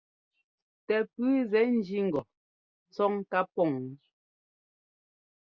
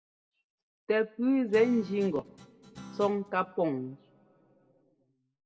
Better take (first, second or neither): first